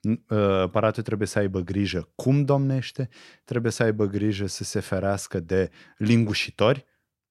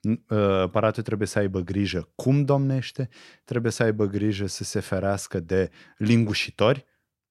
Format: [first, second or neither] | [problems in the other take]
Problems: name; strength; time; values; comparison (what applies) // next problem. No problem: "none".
neither | none